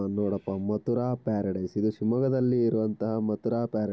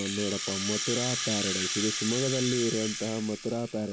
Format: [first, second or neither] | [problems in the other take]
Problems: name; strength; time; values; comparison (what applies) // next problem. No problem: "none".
first | background sound (Rattle (instrument)); 2 dB below the speech